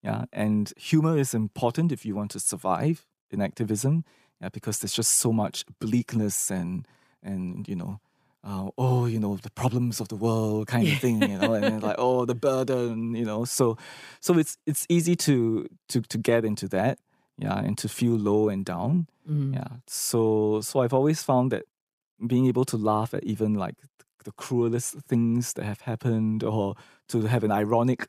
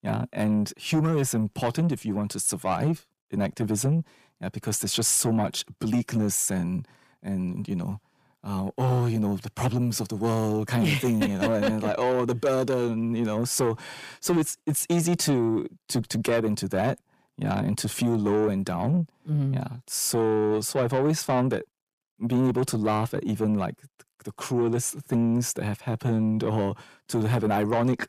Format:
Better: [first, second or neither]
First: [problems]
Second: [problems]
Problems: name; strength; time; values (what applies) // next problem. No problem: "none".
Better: first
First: none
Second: distortion; slight; 10 dB below the speech